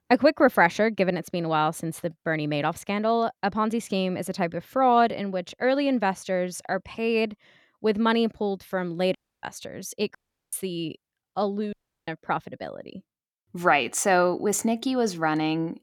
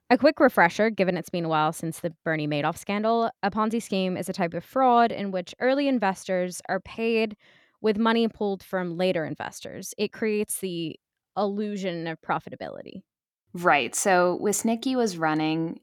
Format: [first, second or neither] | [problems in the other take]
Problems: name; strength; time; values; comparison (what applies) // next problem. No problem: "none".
second | audio cutting out; at 9 s, at 10 s and at 12 s